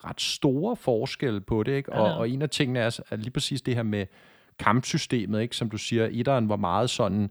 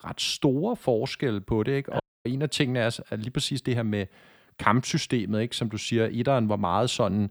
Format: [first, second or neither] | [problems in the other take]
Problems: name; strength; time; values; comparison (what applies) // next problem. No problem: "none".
first | audio cutting out; at 2 s